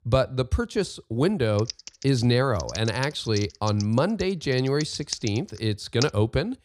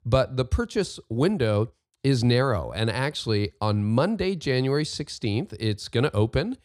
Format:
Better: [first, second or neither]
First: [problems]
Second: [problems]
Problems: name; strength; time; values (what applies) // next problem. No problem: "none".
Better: second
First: keyboard typing; noticeable; from 1.5 to 6 s; peak 7 dB below the speech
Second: none